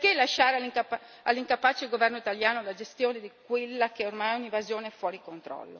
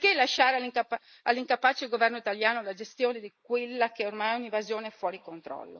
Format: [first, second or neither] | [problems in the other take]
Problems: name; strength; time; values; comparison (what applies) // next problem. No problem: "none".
first | noise reduction (neural mask model Resemble Enhance denoiser)